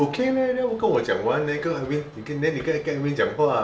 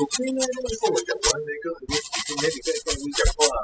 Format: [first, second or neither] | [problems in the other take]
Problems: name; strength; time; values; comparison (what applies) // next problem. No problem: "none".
first | noise reduction (classical method spectral subtraction)